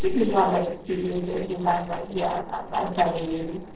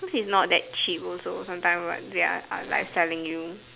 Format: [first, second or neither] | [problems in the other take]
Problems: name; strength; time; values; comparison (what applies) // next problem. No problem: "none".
second | noise reduction (neural separator model SepFormer DNS4)